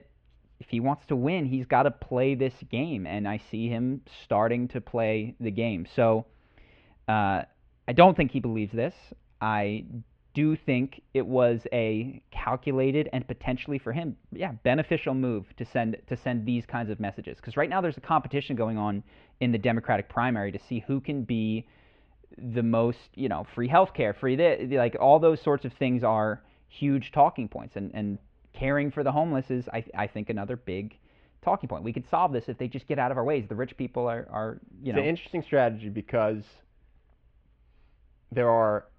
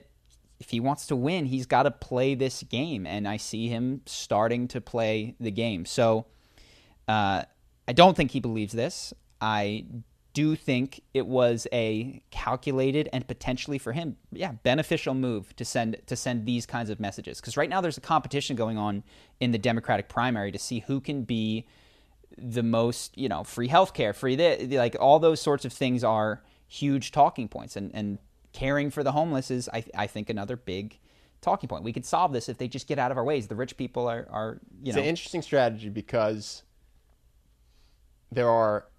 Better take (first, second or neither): second